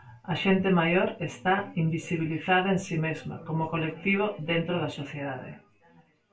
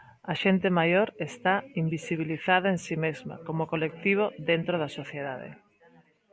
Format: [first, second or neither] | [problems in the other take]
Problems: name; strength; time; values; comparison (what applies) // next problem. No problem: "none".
second | room echo; dies away in 0.2 s